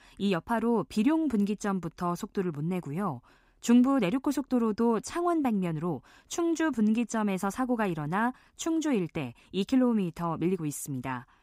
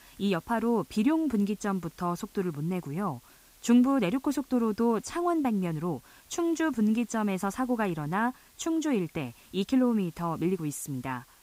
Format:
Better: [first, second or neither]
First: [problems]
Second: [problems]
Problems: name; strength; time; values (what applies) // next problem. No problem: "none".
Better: first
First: none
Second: hiss; faint; throughout; 25 dB below the speech